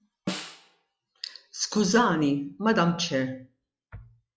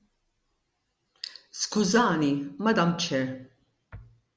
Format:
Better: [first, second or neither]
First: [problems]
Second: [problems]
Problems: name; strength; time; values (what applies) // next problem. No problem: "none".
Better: second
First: noise reduction (classical method log-MMSE)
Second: none